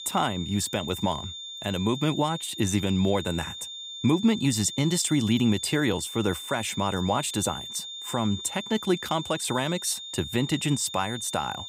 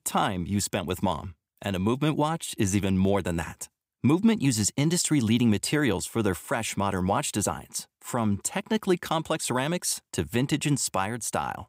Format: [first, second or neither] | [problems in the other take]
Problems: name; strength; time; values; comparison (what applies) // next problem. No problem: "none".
second | high-pitched whine; loud; throughout; 3.5 kHz, 9 dB below the speech